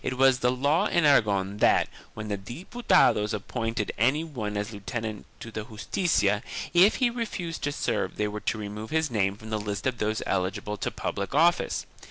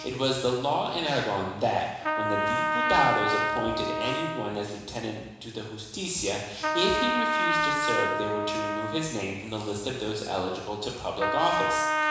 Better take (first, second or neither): first